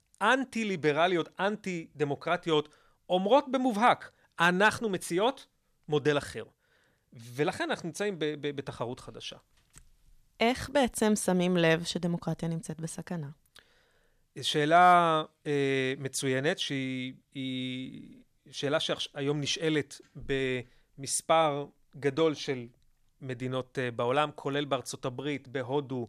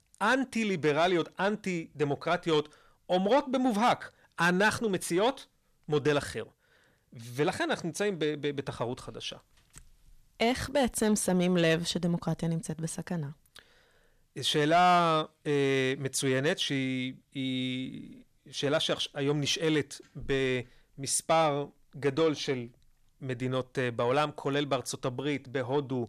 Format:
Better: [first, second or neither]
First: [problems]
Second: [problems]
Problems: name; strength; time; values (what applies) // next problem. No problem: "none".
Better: first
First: none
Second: distortion; slight; 10 dB below the speech